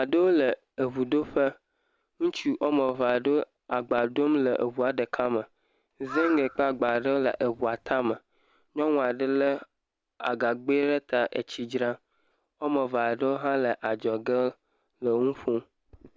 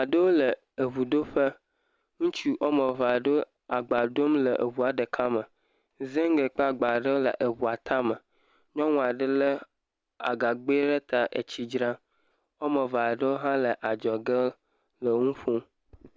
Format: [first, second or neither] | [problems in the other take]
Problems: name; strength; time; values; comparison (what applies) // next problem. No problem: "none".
second | background sound (Crow); 12 dB below the speech